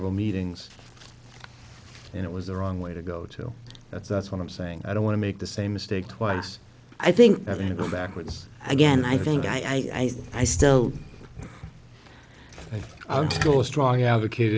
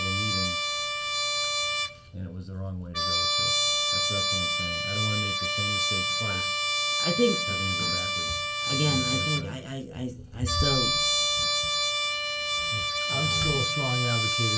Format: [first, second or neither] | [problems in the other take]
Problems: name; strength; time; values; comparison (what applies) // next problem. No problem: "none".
first | background sound (Trumpet); 5 dB above the speech // room echo; dies away in 0.2 s